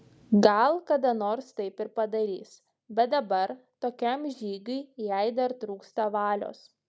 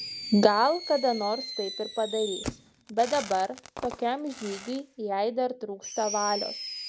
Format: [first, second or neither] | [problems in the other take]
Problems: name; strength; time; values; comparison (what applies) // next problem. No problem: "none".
first | background sound (Fireworks); 10 dB below the speech